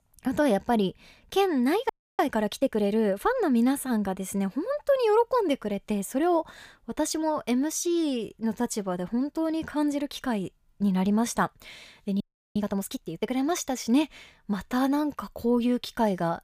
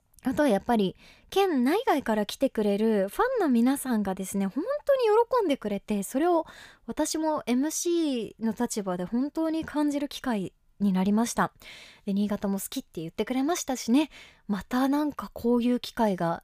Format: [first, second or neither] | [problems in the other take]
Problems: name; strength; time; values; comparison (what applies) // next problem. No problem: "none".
second | audio freezing; at 2 s and at 12 s